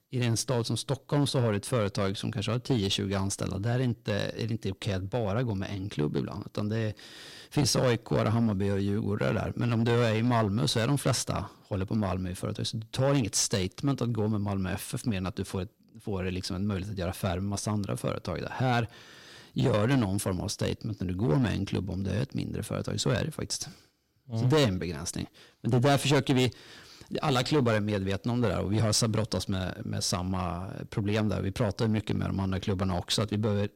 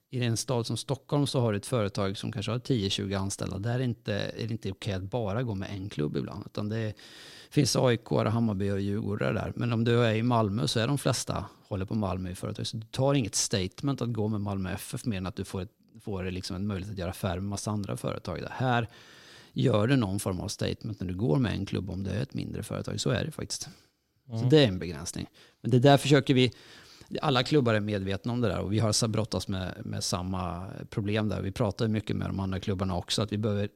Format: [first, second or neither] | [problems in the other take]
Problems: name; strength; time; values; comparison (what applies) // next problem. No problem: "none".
second | distortion; slight; 4% of the sound clipped